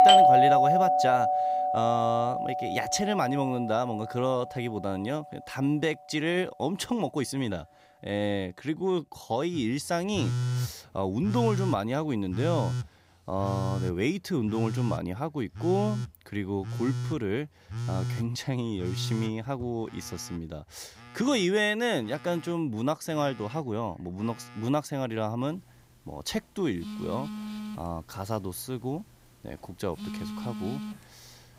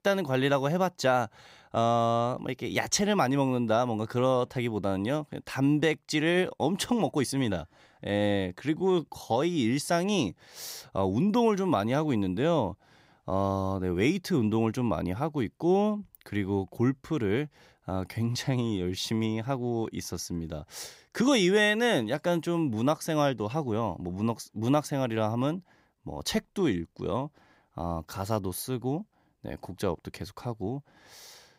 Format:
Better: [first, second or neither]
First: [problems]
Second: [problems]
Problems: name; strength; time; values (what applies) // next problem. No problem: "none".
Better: second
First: alarms or sirens; very loud; throughout; 1 dB above the speech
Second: none